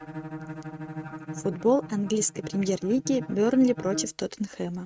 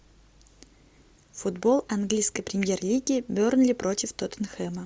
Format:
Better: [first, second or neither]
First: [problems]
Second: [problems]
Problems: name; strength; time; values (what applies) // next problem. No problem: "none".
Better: second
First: noise reduction (neural mask model RNNoise)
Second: none